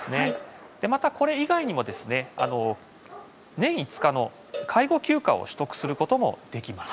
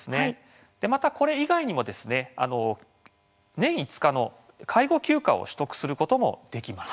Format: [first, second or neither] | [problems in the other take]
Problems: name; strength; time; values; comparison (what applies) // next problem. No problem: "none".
second | background sound (Gunshot, gunfire + Cowbell); 15 dB below the speech